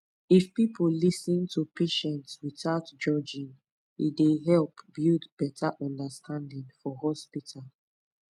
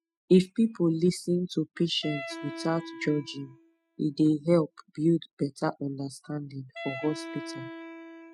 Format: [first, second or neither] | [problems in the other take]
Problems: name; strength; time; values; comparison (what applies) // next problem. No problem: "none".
first | noise reduction (classical method spectral subtraction)